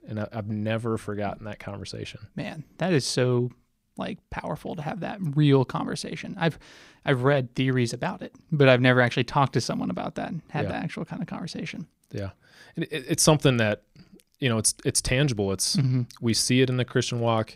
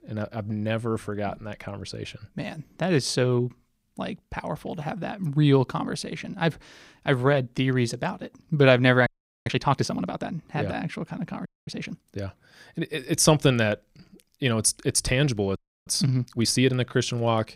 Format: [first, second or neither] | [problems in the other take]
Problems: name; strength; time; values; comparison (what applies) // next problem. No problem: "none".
first | audio freezing; at 9 s, at 11 s and at 16 s